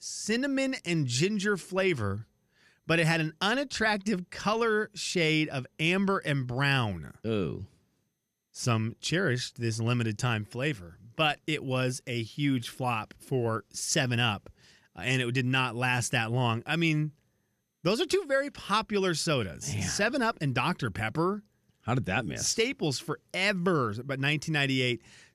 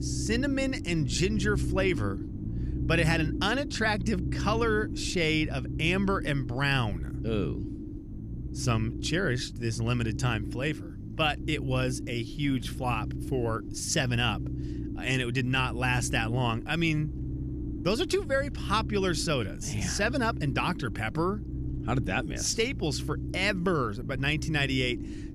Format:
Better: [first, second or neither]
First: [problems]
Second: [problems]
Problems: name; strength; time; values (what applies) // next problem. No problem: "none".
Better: first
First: none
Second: low rumble; noticeable; throughout; 15 dB below the speech